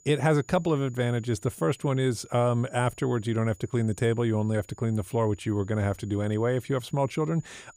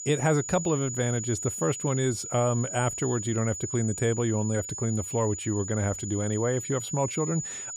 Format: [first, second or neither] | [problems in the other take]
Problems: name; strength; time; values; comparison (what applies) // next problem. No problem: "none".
first | high-pitched whine; loud; throughout; 7 kHz, 6 dB below the speech; faint in the first